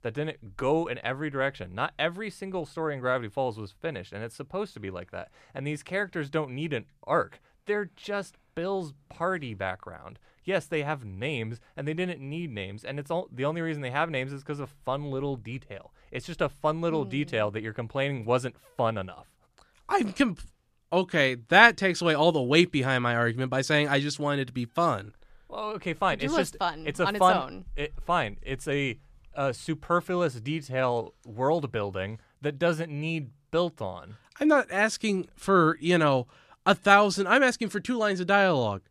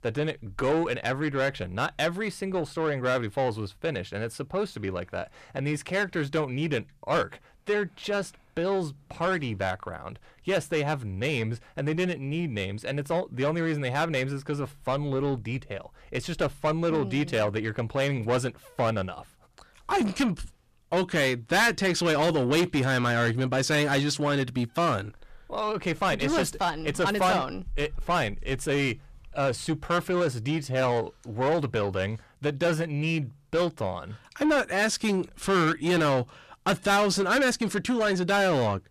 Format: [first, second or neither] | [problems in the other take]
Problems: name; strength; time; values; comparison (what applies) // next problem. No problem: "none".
first | distortion; heavy; 7 dB below the speech